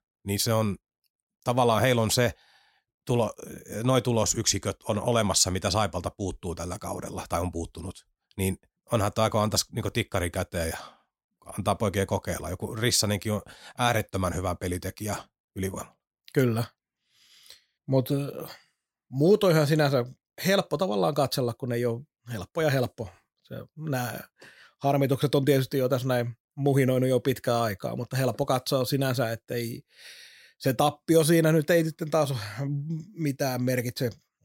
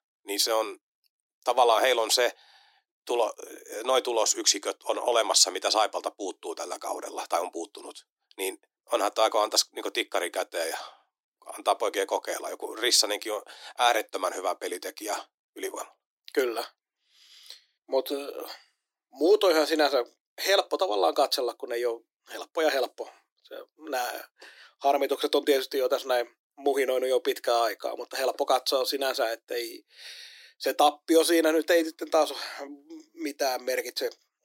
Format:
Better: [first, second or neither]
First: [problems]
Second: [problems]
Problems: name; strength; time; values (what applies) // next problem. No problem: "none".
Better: first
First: none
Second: thin; very; fading below 300 Hz